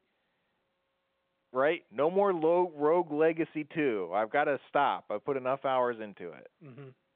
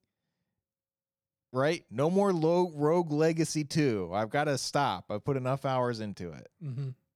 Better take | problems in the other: second | phone-call audio

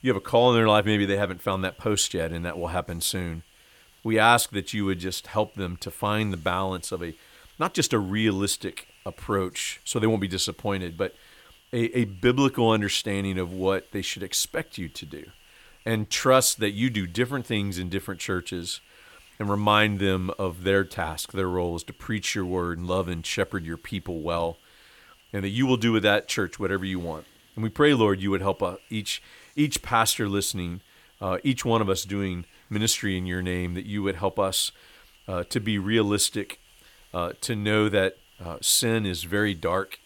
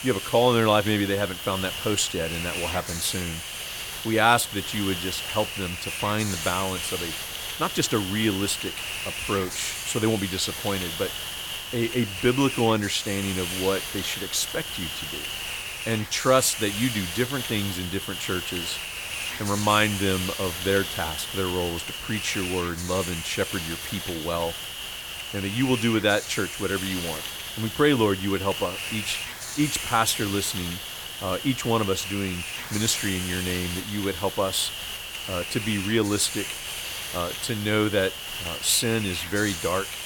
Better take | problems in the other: first | hiss; loud; throughout; 5 dB below the speech; faint in the first

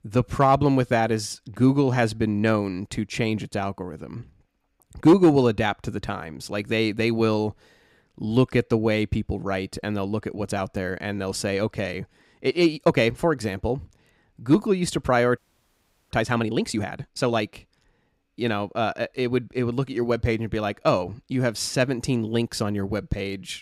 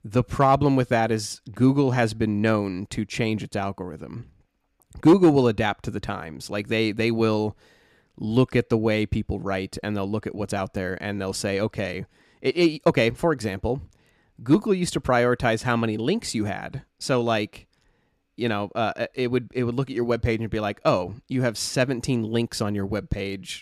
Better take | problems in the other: second | audio freezing; at 15 s for 0.5 s

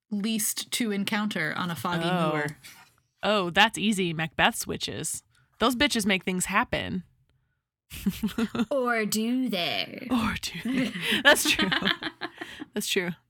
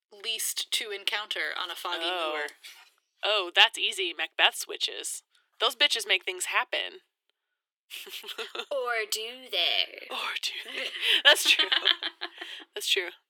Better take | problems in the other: first | thin; very; fading below 350 Hz

